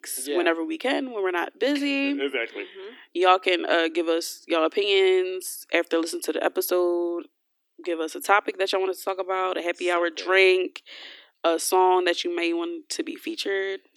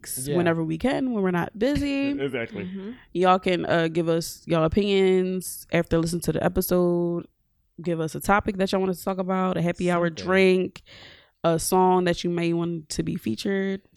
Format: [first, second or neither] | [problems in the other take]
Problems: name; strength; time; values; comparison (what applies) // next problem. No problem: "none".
second | thin; somewhat; fading below 300 Hz